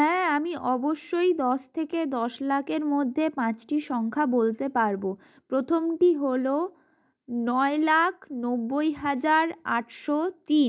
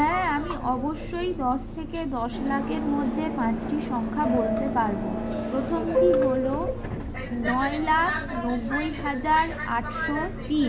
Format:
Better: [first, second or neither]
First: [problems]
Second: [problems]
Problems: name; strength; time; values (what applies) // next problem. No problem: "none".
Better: first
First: none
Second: background sound (Subway, metro, underground); 2 dB below the speech // room echo; dies away in 0.4 s